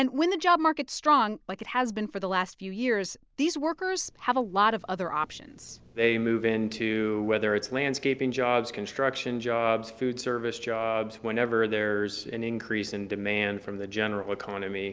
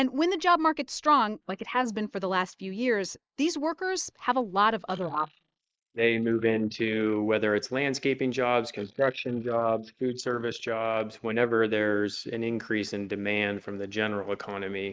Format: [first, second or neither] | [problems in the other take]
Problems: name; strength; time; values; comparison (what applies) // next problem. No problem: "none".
first | noise reduction (neural mask model Resemble Enhance denoiser)